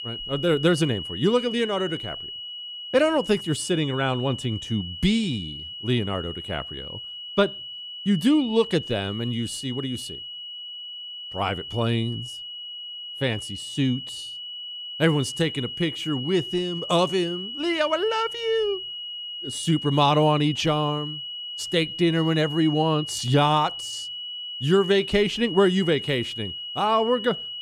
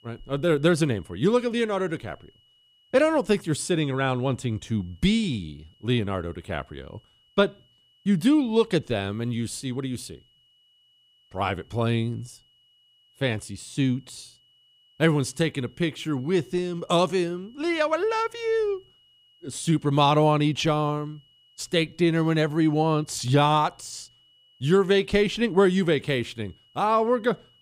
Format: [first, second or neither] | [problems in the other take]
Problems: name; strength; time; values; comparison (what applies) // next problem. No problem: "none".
second | high-pitched whine; loud; throughout; 3 kHz, 8 dB below the speech; faint in the second